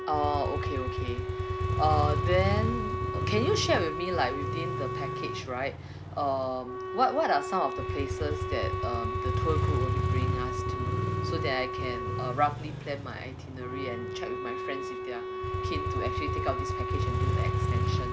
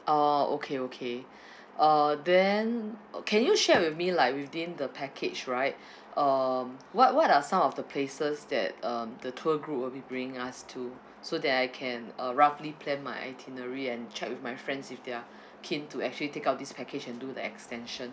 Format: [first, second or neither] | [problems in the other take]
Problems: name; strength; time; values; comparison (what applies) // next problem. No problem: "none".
second | background sound (Motorcycle + Wind instrument, woodwind instrument); 2 dB above the speech